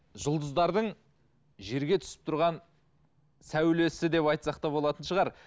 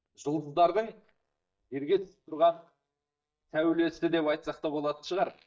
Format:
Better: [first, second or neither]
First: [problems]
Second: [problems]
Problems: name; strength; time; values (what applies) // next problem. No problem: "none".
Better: first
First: none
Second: noise reduction (neural mask model DeepFilterNet 3)